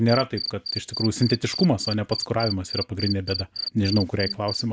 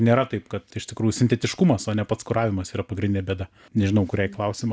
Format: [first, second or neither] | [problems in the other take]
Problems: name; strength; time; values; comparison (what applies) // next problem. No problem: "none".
second | background sound (Cricket); 8 dB below the speech